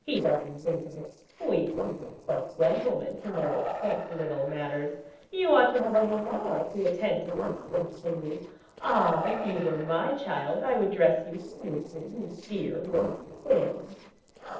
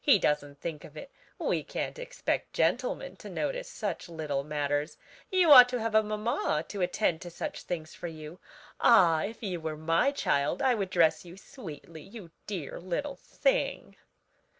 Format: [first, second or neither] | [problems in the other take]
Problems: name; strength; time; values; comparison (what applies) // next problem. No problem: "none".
second | noise reduction (neural separator model SepFormer DNS4)